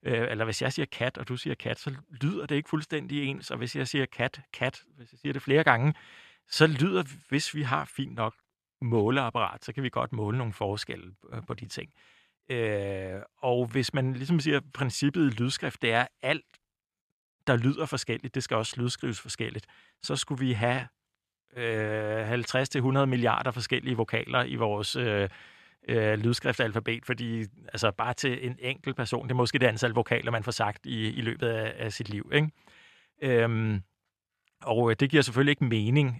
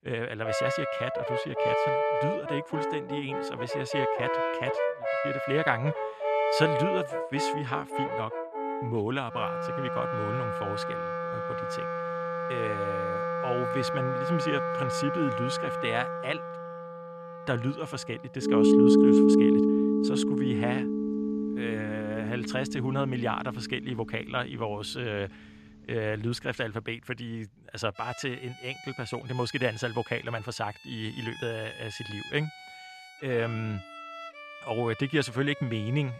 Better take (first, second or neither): first